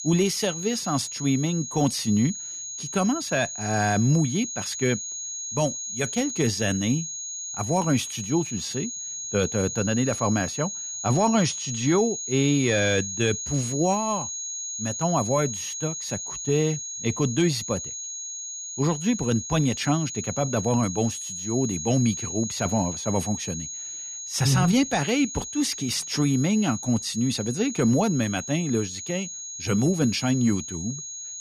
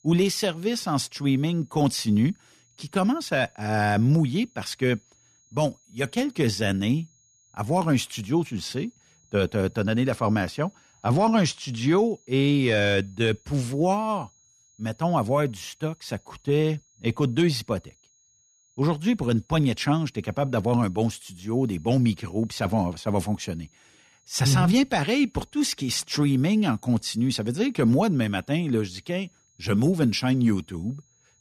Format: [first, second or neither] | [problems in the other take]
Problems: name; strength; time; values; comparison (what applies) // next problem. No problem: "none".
second | high-pitched whine; loud; throughout; 6.5 kHz, 6 dB below the speech; faint in the second